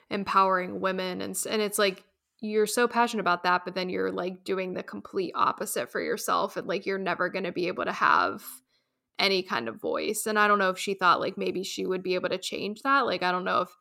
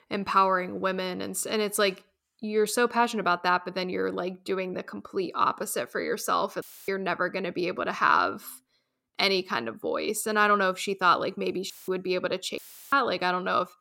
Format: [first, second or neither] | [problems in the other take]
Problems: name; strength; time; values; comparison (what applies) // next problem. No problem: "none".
first | audio cutting out; filled with static; at 6.5 s, at 12 s and at 13 s